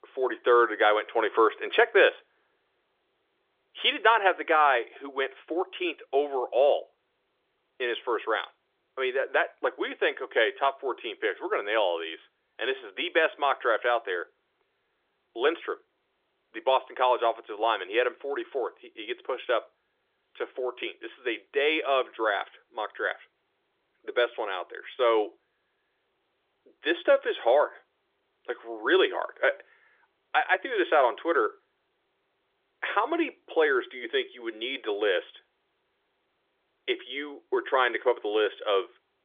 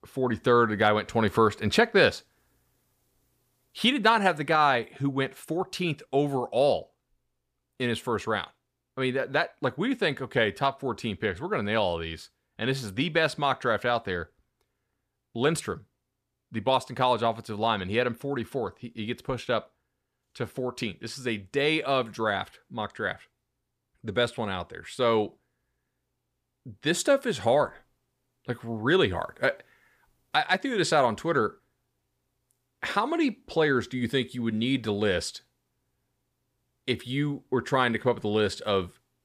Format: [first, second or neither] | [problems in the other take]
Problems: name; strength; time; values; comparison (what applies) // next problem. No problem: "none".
second | phone-call audio; nothing above 3.5 kHz